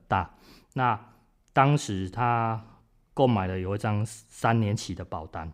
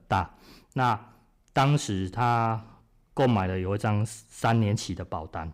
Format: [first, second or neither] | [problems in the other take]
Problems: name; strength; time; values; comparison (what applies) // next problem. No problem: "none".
first | distortion; slight; 2% of the sound clipped